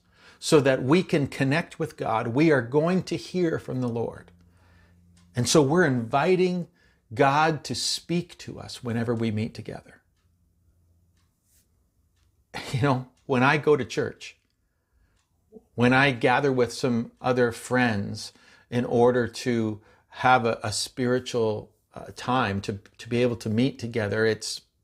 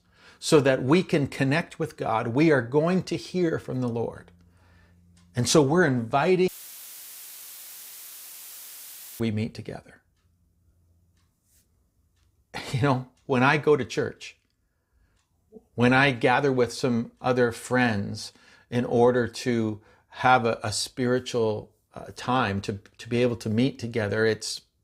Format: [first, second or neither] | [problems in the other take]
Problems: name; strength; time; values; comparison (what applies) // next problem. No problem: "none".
first | audio cutting out; filled with static; at 6.5 s for 2.5 s